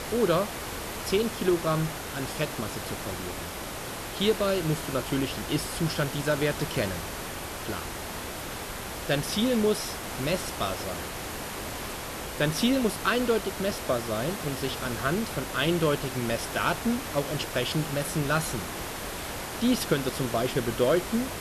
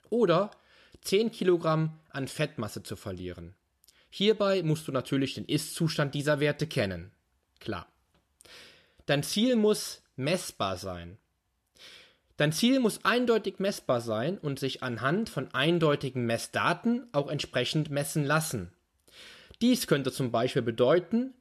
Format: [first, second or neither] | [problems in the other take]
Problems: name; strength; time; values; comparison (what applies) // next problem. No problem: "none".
second | hiss; loud; throughout; 6 dB below the speech